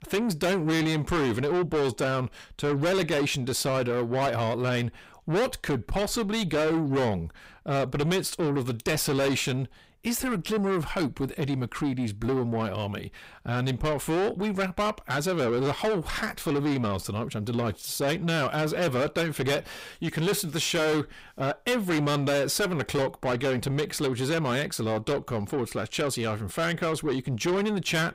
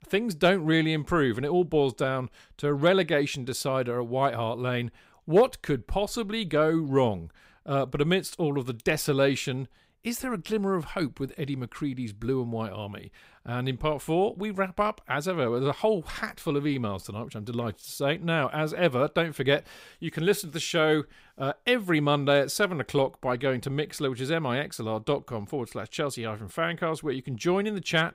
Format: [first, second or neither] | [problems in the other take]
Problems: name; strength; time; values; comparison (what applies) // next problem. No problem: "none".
second | distortion; heavy; 6 dB below the speech